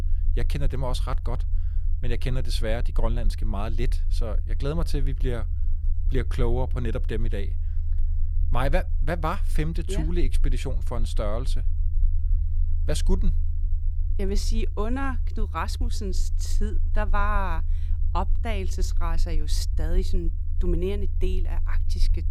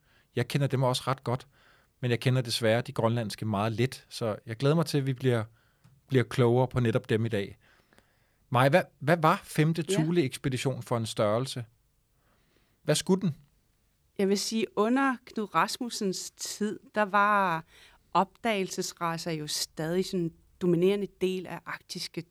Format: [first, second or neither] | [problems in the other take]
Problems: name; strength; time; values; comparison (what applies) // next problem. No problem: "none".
second | low rumble; noticeable; throughout; 15 dB below the speech